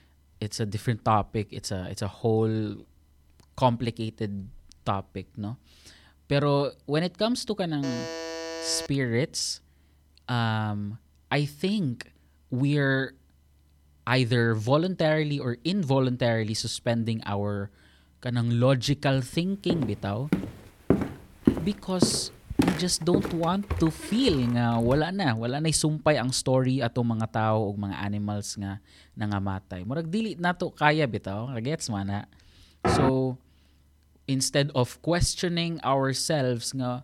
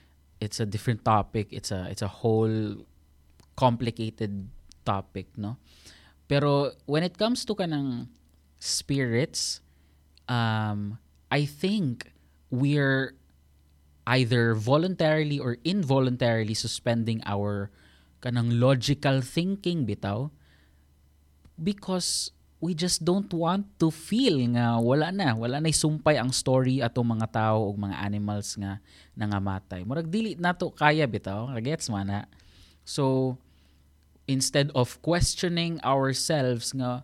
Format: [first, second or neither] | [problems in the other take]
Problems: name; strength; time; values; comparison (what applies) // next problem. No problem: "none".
second | alarm; noticeable; from 8 to 9 s; peak 7 dB below the speech // footsteps; loud; from 20 to 25 s; peak 1 dB above the speech // door banging; loud; at 33 s; peak 2 dB above the speech